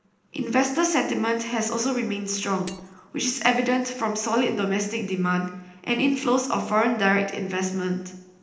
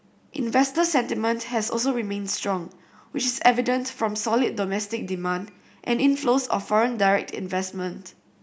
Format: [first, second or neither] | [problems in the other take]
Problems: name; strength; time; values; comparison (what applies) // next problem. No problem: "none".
second | noise reduction (neural separator model SepFormer DNS4)